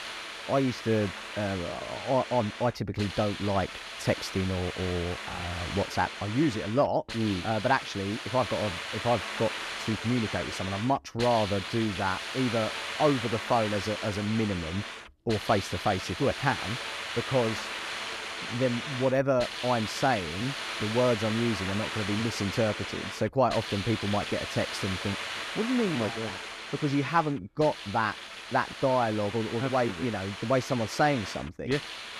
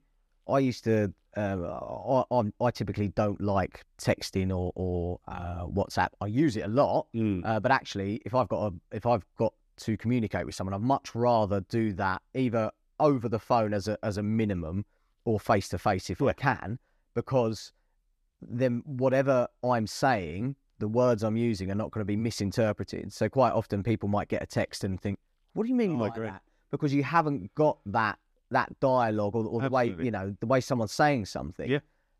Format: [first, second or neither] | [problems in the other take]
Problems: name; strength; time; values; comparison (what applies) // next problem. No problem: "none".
second | hiss; loud; throughout; 6 dB below the speech